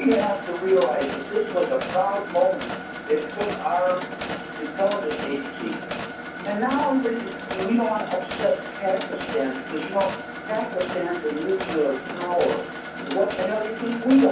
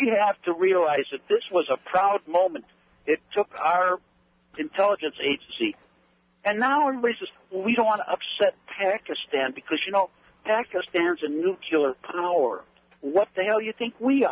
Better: second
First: background sound (Mechanisms); 8 dB below the speech // room echo; dies away in 0.6 s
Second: none

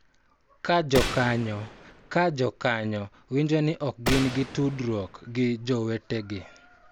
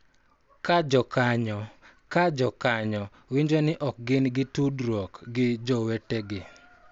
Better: second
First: background sound (Gunshot, gunfire); 8 dB below the speech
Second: none

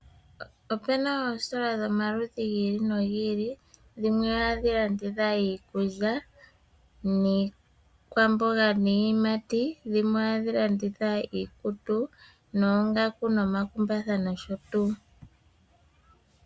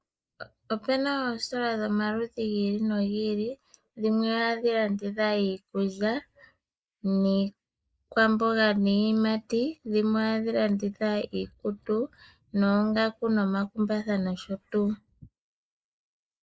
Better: first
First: none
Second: noise reduction (neural mask model Resemble Enhance denoiser)

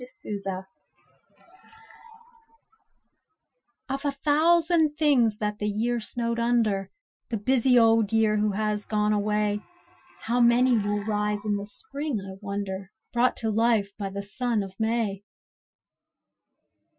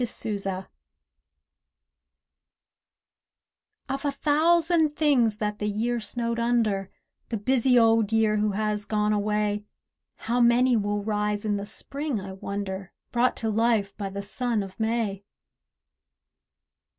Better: second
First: noise reduction (classical method Wiener filter)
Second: none

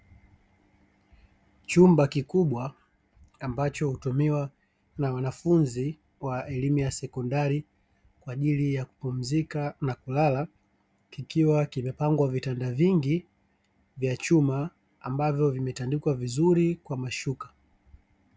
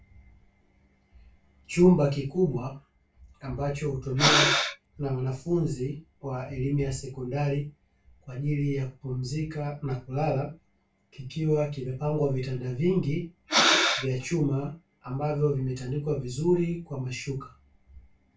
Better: first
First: none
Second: background sound (Breathing); 4 dB above the speech // room echo; dies away in 0.2 s

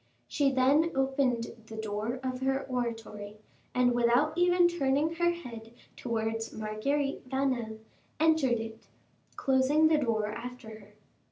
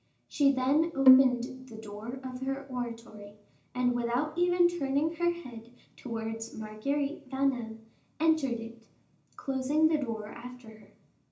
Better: first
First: none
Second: background sound (Bowed string instrument); 4 dB above the speech // room echo; dies away in 0.4 s

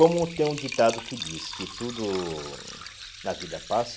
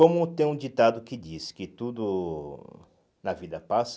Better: second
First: background sound (Liquid); 12 dB below the speech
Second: none

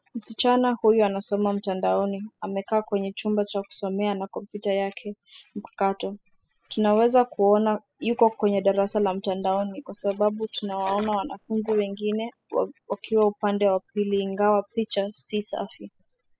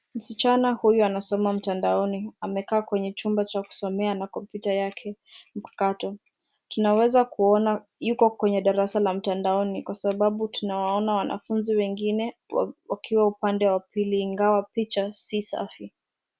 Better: second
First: noise reduction (classical method spectral subtraction)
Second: none

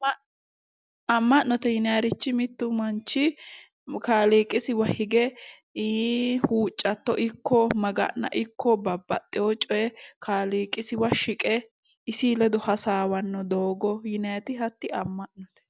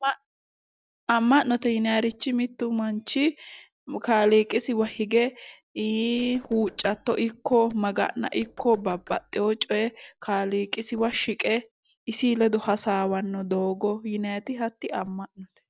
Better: first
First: none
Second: noise reduction (neural separator model SepFormer DNS4)

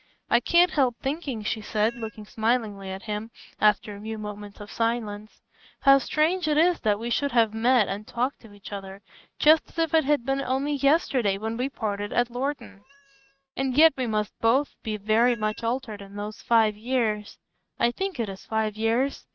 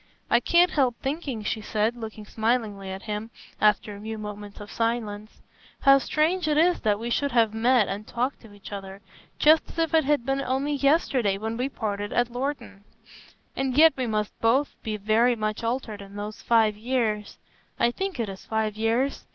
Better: second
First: noise reduction (neural mask model RNNoise)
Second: none

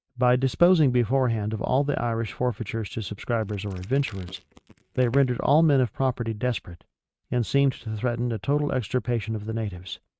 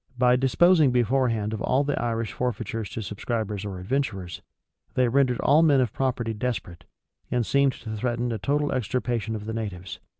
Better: second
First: noise reduction (neural mask model RNNoise)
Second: none

